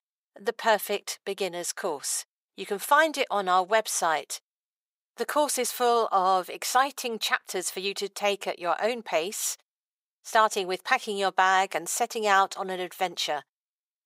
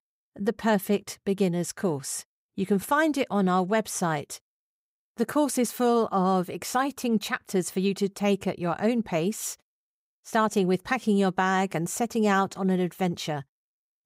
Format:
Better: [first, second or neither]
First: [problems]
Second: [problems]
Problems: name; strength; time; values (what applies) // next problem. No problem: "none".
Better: second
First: thin; very; fading below 700 Hz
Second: none